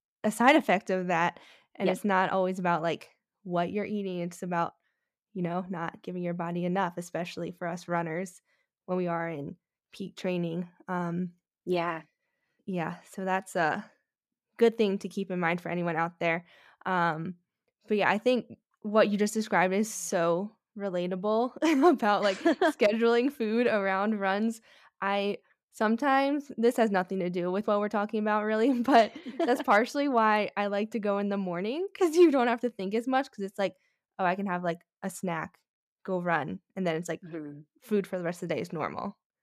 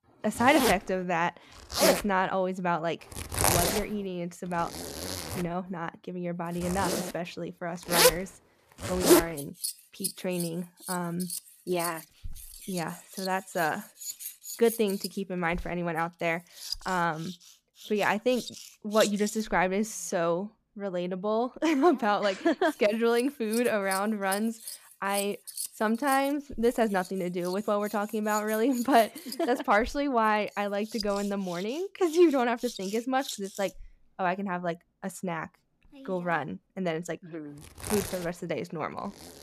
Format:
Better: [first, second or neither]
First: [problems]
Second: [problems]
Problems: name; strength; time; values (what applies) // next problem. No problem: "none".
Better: first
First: none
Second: household noises; loud; throughout; 3 dB below the speech